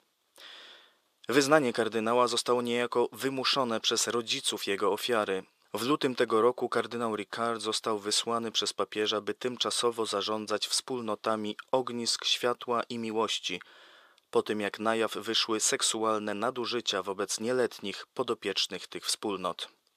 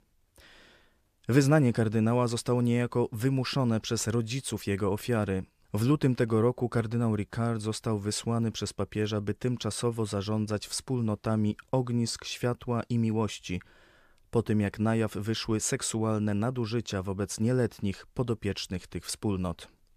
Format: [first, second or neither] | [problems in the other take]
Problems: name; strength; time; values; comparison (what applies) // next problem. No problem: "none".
second | thin; somewhat; fading below 450 Hz